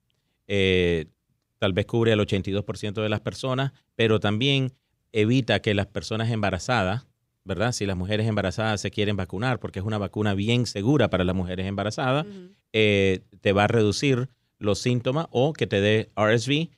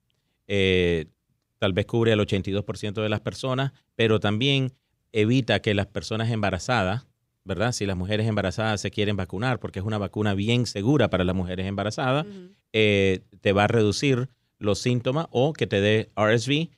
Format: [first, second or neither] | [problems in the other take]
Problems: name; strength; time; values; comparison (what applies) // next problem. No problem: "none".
neither | none